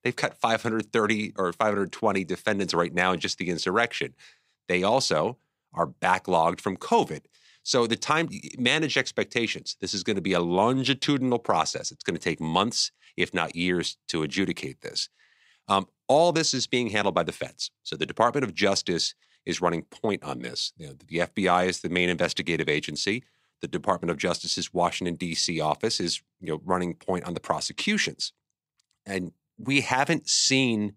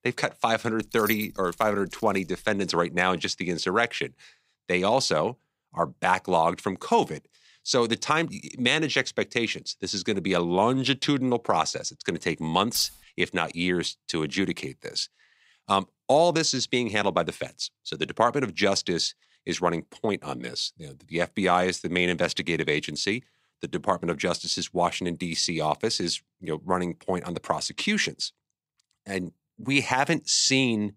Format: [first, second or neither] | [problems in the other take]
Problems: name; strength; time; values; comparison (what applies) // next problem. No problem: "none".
first | jangling keys; noticeable; from 1 to 2.5 s and at 13 s; peak 8 dB below the speech